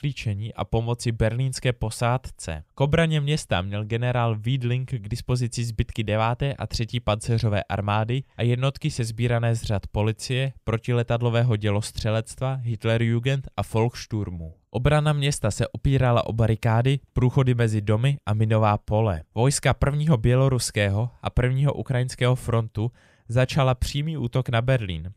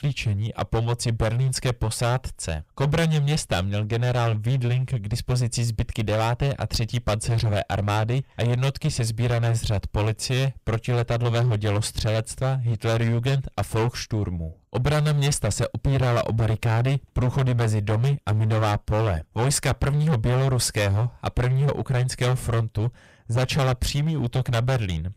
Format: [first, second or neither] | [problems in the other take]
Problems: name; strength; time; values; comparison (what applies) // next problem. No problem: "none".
first | distortion; heavy; 21% of the sound clipped